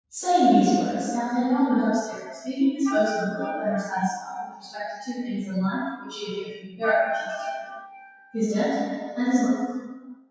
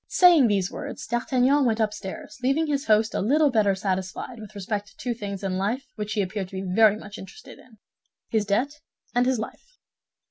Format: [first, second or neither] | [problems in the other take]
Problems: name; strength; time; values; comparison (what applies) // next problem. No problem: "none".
second | noise reduction (classical method WPE with log-MMSE)